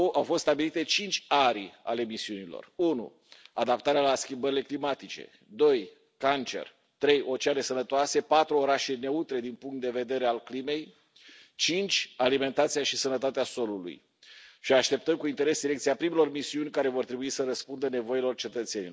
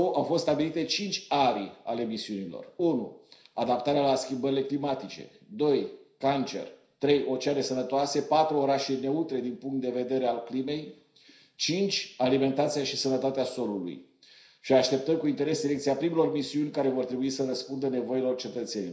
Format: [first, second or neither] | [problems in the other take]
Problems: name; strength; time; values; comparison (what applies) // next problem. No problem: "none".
first | room echo; dies away in 0.5 s